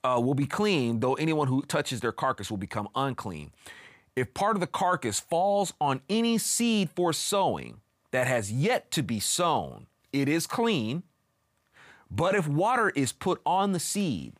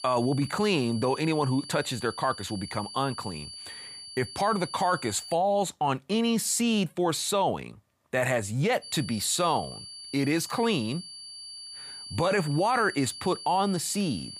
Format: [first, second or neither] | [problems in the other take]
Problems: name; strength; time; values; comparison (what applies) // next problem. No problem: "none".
first | high-pitched whine; noticeable; until 5.5 s and from 9 s on; 4.5 kHz, 15 dB below the speech